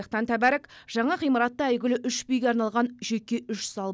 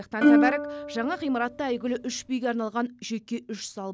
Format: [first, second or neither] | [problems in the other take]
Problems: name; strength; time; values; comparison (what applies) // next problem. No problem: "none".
first | background sound (Plucked string instrument); 4 dB above the speech